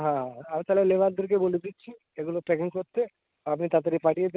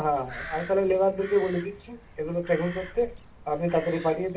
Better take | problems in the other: first | background sound (Crow); 16 dB below the speech // room echo; dies away in 0.2 s

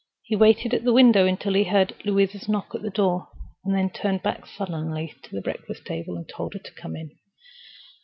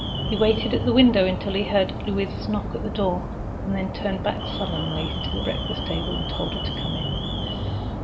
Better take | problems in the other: first | background sound (Alarm); 3 dB below the speech // room echo; dies away in 0.4 s

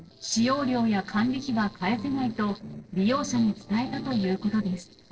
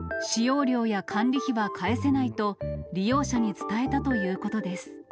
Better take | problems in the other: second | noise reduction (neural separator model SepFormer DNS4)

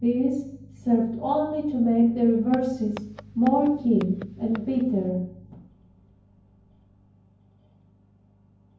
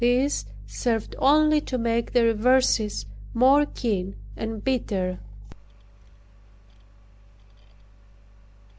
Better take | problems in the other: second | background sound (Walk, footsteps); 18 dB below the speech // room echo; dies away in 0.9 s

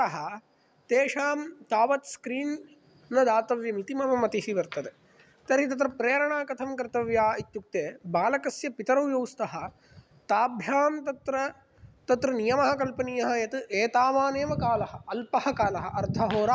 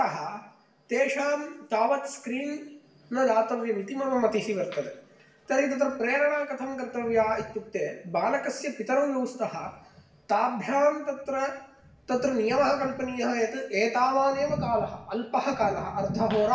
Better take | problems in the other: first | room echo; dies away in 0.7 s

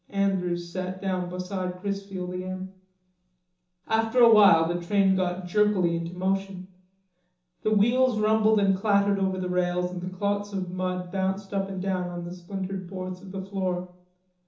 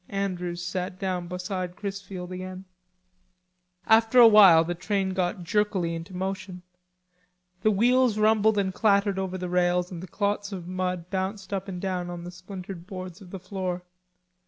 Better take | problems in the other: second | room echo; dies away in 1.2 s

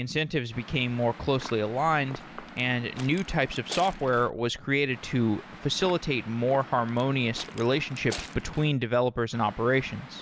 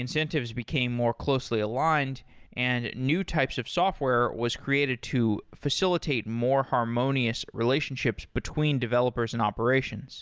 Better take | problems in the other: second | background sound (Waves, surf / Wind); 16 dB below the speech

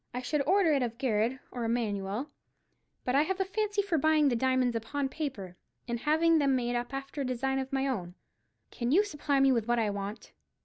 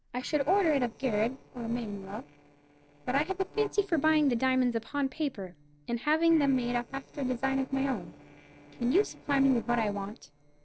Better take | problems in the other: first | noise reduction (neural separator model SepFormer DNS4)

